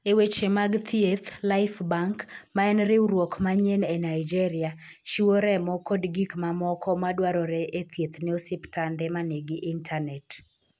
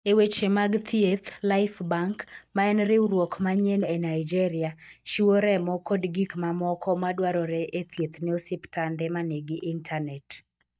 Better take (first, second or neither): first